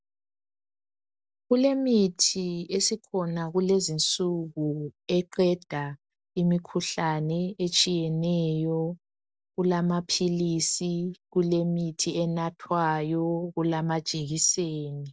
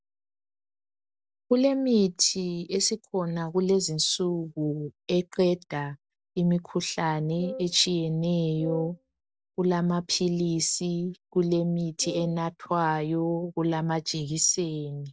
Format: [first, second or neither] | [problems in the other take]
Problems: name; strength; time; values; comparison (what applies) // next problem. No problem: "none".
first | background sound (Wind instrument, woodwind instrument); 12 dB below the speech